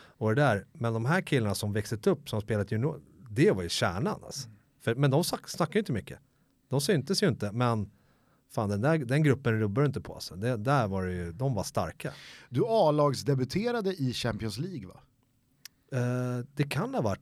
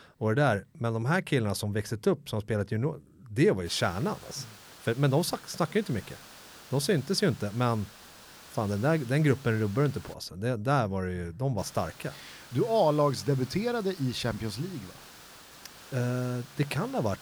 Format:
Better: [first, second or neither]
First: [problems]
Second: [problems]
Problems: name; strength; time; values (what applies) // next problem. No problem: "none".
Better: first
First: none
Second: hiss; noticeable; from 3.5 to 10 s and from 12 s on; 20 dB below the speech